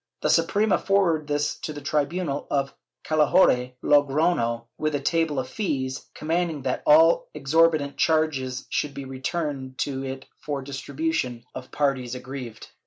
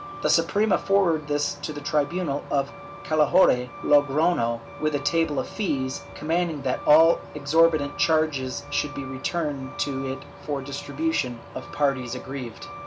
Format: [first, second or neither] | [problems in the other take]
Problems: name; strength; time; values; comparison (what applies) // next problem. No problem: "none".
first | background sound (Truck); 15 dB below the speech